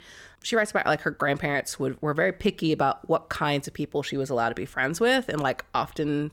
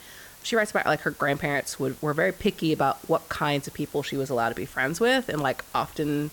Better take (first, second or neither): first